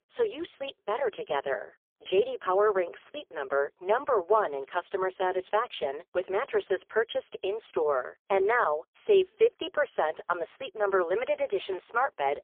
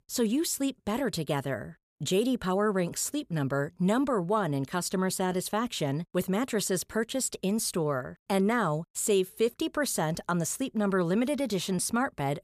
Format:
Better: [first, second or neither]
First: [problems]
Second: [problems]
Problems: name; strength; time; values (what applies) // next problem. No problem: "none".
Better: second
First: phone-call audio; poor line; nothing above 3.5 kHz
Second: none